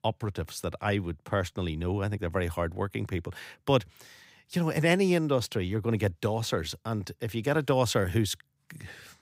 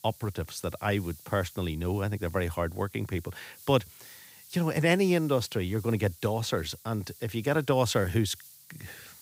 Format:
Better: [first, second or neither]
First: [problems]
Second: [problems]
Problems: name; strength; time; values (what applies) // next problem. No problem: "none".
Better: first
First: none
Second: hiss; faint; throughout; 20 dB below the speech